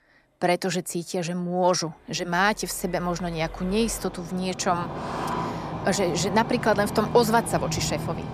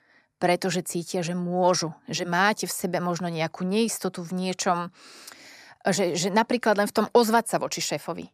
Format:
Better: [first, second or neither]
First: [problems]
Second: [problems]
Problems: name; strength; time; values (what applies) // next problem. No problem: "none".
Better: second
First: traffic noise; loud; throughout; 8 dB below the speech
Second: none